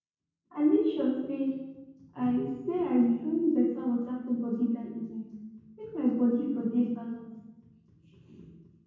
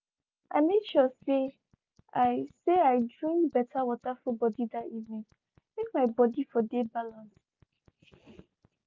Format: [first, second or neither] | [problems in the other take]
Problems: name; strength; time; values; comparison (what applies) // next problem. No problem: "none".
second | room echo; dies away in 1.1 s